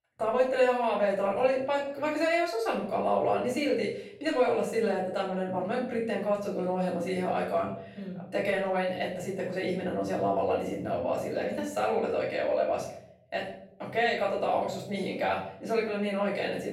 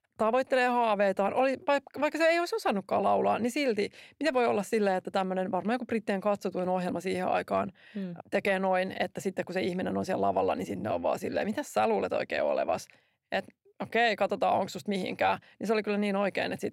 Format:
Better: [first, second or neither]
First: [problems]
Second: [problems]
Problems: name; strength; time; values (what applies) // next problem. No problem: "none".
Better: second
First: off-mic speech; far // room echo; noticeable; dies away in 0.6 s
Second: none